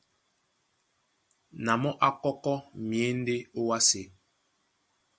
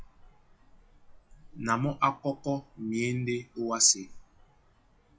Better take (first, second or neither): first